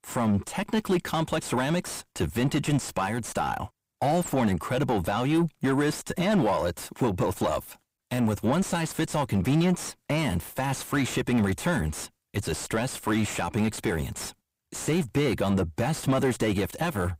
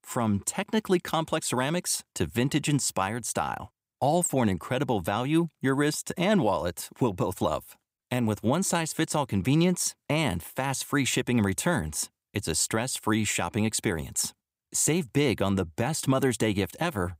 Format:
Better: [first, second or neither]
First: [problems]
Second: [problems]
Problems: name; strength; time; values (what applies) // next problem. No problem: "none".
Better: second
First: distortion; heavy; 7 dB below the speech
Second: none